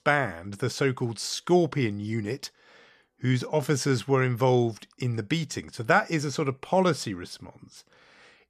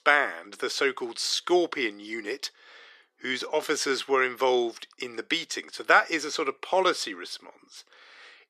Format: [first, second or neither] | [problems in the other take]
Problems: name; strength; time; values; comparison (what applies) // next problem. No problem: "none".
first | thin; very; fading below 350 Hz